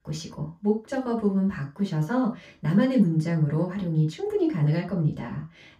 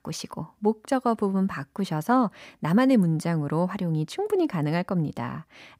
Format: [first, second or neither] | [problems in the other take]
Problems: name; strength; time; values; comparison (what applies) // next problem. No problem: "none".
second | room echo; slight; dies away in 0.2 s // off-mic speech; far